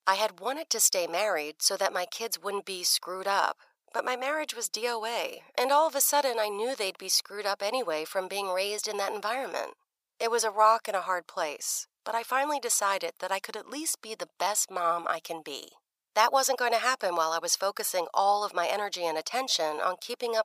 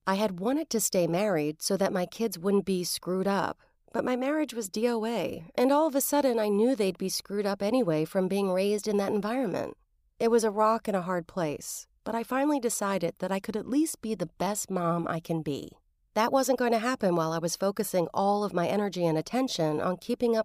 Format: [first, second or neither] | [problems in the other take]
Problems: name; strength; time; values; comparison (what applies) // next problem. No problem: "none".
second | thin; very; fading below 900 Hz